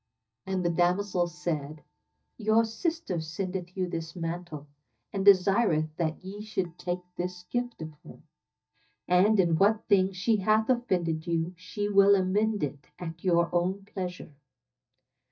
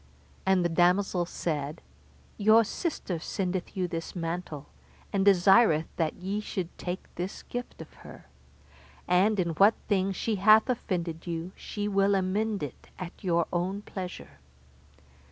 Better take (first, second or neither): second